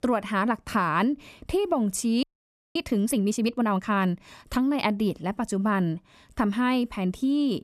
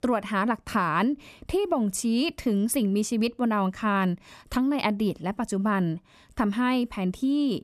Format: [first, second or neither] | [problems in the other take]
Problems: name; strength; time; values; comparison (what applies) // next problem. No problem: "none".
second | audio freezing; at 2 s for 0.5 s